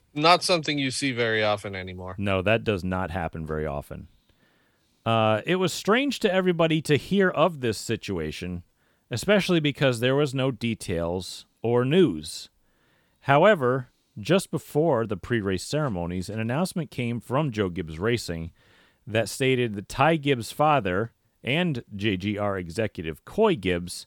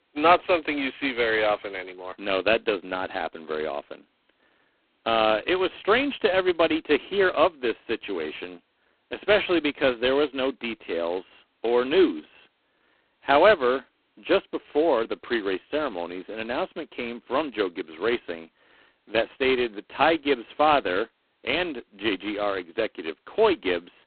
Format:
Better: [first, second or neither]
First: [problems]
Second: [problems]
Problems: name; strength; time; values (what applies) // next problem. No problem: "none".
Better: first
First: none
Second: phone-call audio; poor line; nothing above 4 kHz